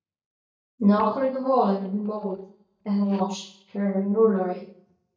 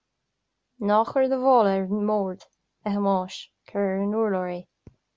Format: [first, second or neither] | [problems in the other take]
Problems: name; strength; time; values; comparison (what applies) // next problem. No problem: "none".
second | noise reduction (neural mask model DeepFilterNet 3)